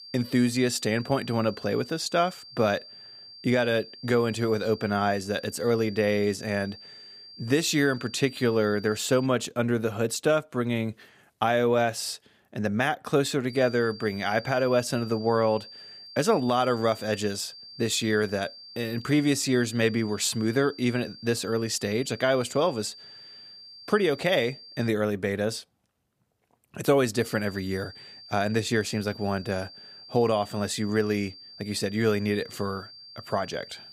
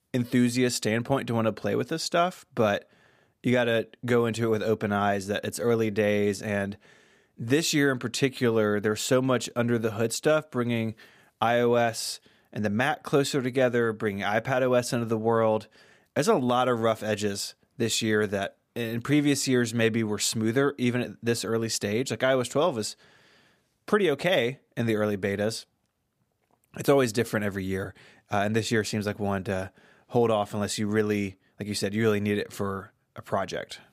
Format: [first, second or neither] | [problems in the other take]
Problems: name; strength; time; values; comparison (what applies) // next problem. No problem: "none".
second | high-pitched whine; noticeable; until 9.5 s, from 14 to 25 s and from 27 s on; 4.5 kHz, 15 dB below the speech